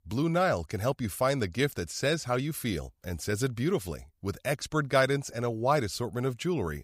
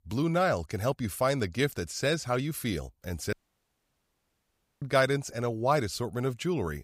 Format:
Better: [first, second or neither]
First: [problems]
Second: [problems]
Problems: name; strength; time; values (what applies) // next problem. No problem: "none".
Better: first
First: none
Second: audio cutting out; at 3.5 s for 1.5 s